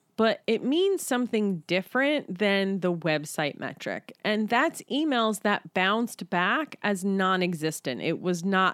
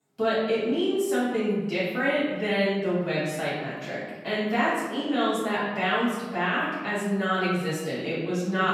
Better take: first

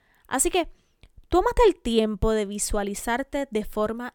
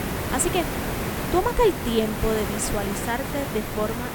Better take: first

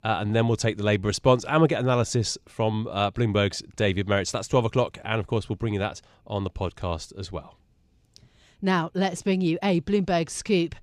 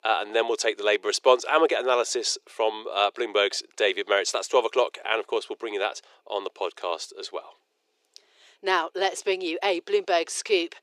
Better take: first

